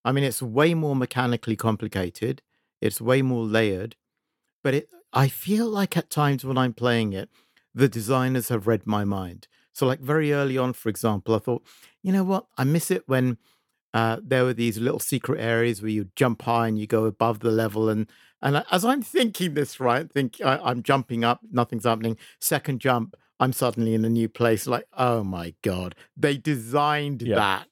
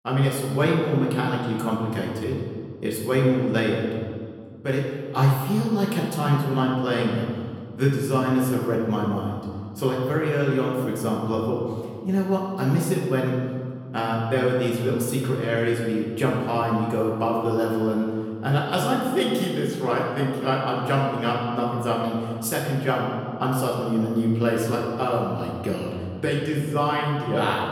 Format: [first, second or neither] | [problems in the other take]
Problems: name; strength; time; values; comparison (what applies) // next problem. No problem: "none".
first | room echo; noticeable; dies away in 1.8 s // off-mic speech; far